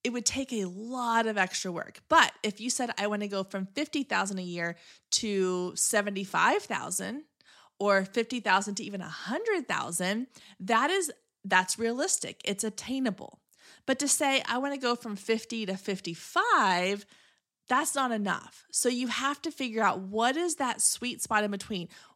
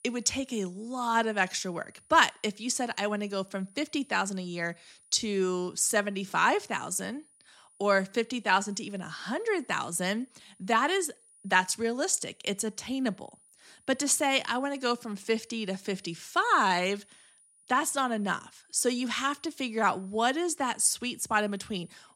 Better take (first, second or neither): first